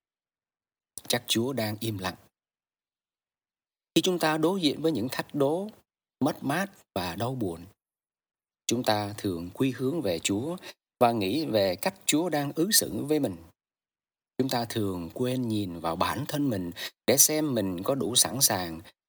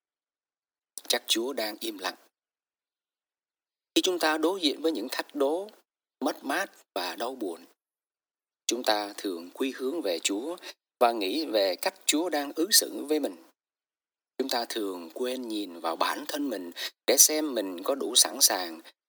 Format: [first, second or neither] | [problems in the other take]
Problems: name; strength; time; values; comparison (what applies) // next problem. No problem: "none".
first | thin; very slightly; fading below 300 Hz